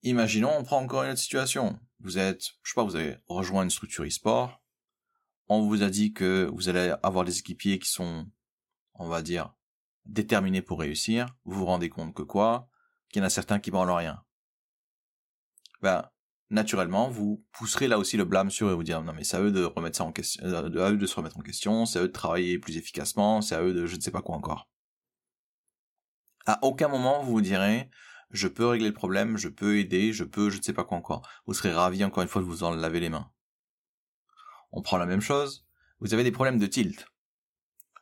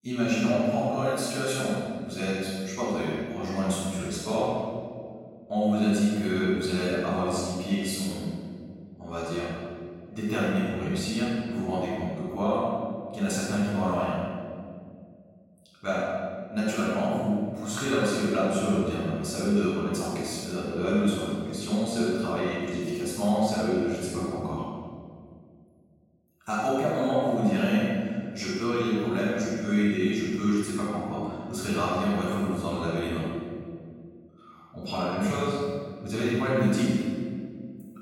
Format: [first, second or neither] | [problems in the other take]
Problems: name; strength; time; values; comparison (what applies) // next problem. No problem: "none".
first | off-mic speech; far // room echo; strong; dies away in 2 s